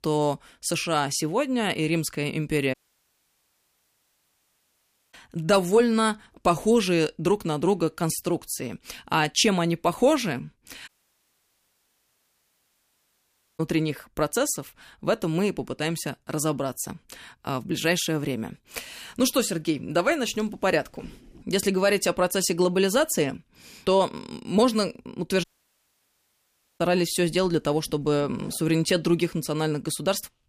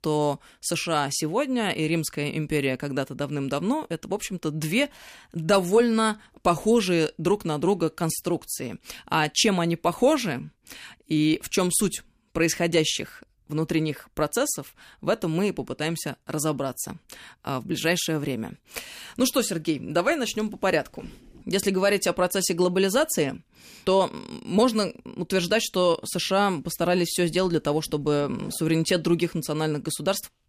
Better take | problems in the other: second | audio cutting out; at 2.5 s for 2.5 s, at 11 s for 2.5 s and at 25 s for 1.5 s

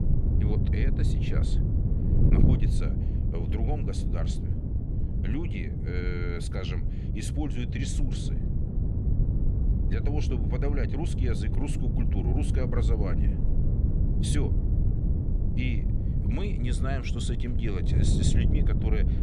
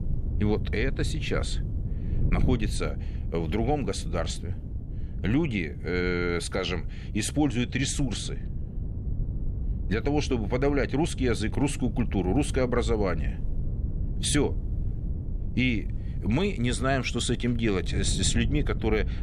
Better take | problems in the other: second | wind noise on the microphone; heavy; 1 dB below the speech; occasional gusts in the second

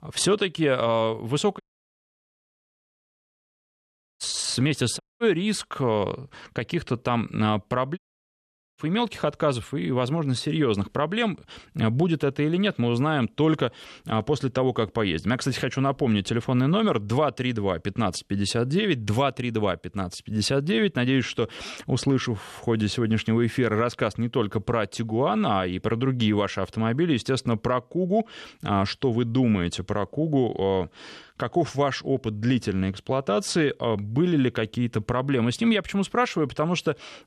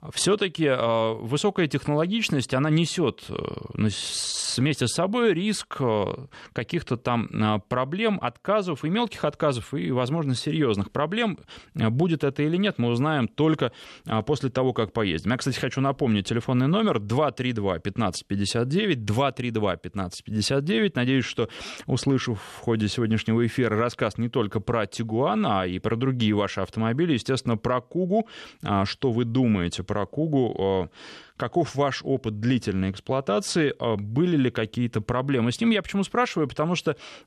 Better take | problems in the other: second | audio cutting out; at 1.5 s for 2.5 s, at 5 s and at 8 s for 1 s

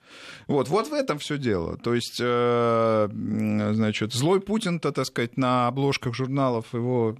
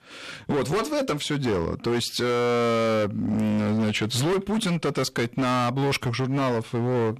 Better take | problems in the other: first | distortion; heavy; 26% of the sound clipped

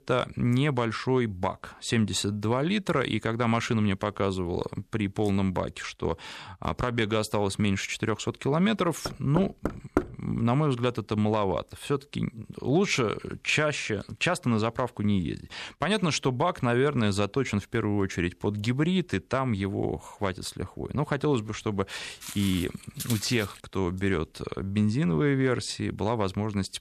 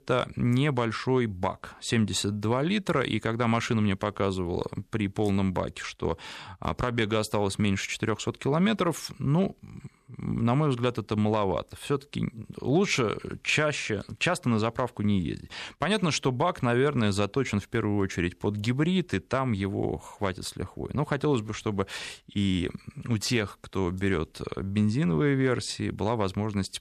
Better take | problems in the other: second | door banging; noticeable; at 9 s; peak 2 dB below the speech // footsteps; noticeable; from 22 to 24 s; peak 8 dB below the speech

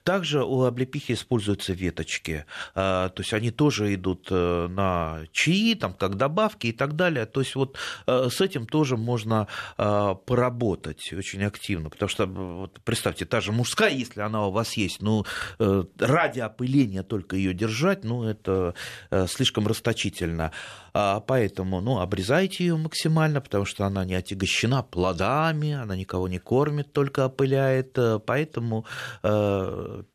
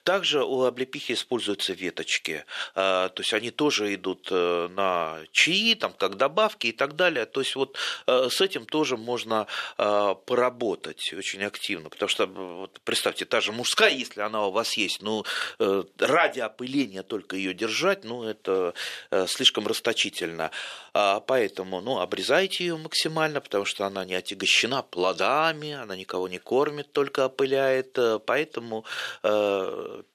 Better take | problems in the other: first | thin; somewhat; fading below 400 Hz

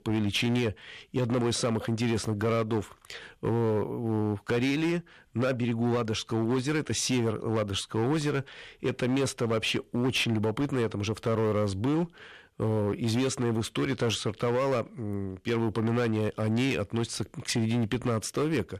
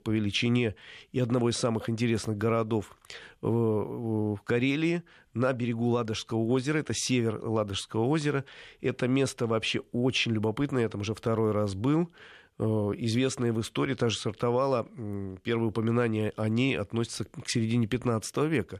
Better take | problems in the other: second | distortion; slight; 14% of the sound clipped

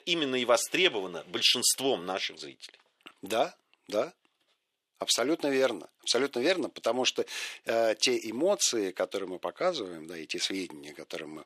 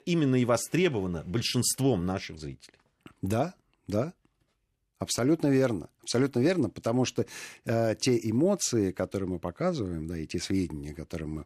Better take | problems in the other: second | thin; somewhat; fading below 500 Hz

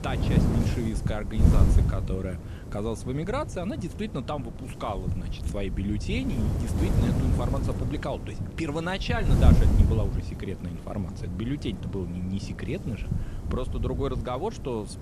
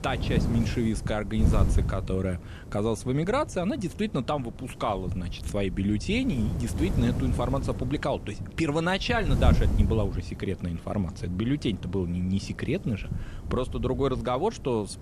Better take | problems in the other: second | wind noise on the microphone; heavy; 4 dB below the speech; occasional gusts in the second

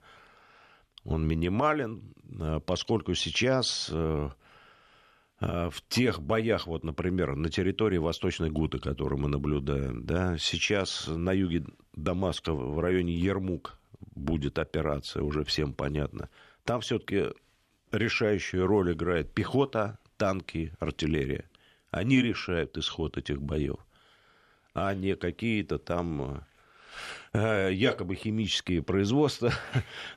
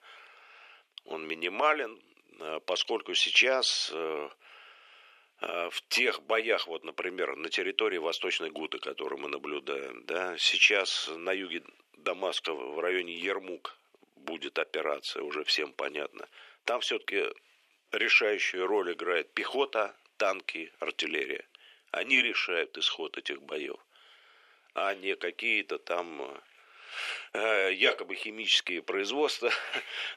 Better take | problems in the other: first | thin; very; fading below 400 Hz

